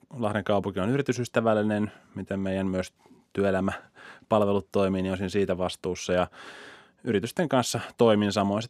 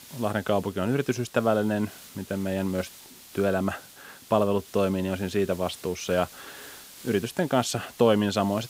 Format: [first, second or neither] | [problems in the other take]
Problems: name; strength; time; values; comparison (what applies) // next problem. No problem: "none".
first | hiss; noticeable; throughout; 20 dB below the speech